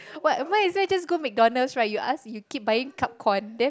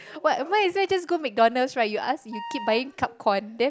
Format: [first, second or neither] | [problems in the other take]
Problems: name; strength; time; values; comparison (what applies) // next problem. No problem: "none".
first | background sound (Wind instrument, woodwind instrument); 13 dB below the speech